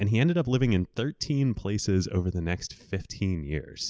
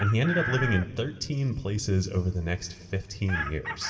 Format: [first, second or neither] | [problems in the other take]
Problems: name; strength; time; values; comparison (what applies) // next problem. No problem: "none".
first | background sound (Chicken, rooster); 9 dB below the speech // room echo; dies away in 1.7 s